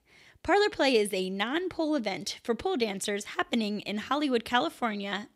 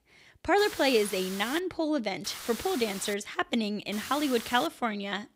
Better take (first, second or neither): first